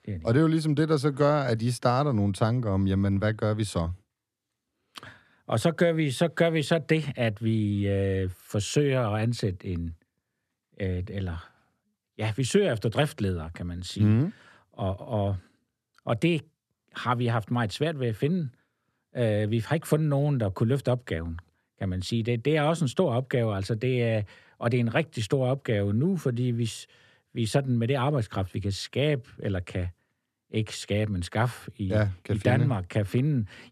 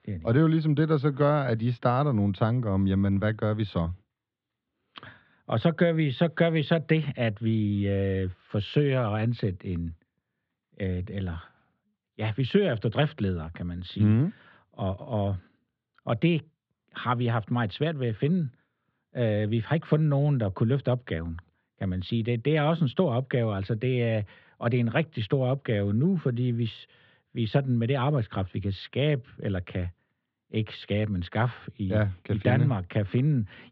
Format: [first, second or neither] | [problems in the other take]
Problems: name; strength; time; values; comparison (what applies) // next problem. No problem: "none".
first | muffled; slightly; fading above 3.5 kHz